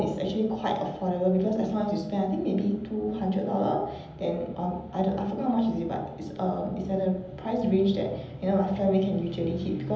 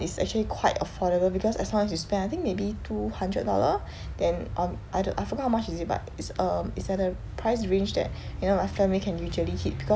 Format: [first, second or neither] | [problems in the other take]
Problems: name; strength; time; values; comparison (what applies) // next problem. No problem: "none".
second | room echo; dies away in 0.9 s